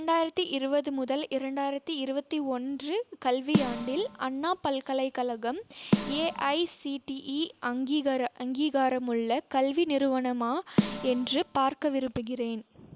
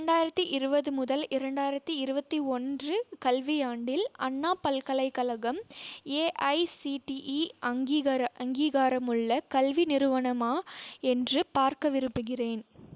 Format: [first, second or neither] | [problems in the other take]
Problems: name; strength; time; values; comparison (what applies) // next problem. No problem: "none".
second | background sound (Snare drum); 5 dB below the speech